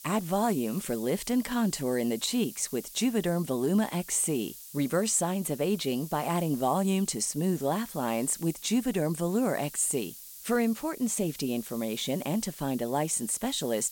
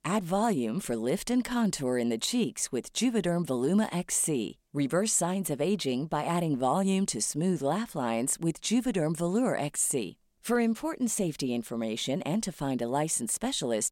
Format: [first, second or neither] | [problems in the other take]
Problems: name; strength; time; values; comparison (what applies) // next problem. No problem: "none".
second | hiss; noticeable; throughout; 15 dB below the speech